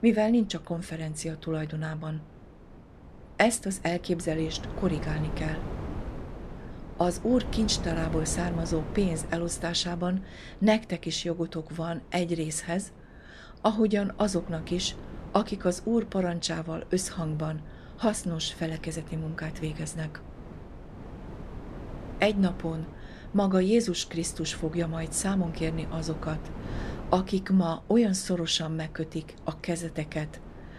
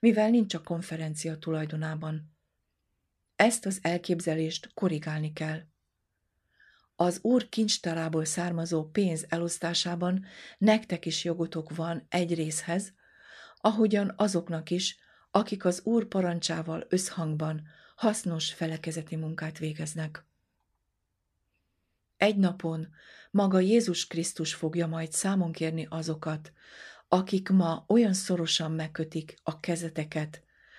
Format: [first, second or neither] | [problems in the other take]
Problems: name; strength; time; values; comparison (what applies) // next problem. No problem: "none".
second | wind noise on the microphone; occasional gusts; 15 dB below the speech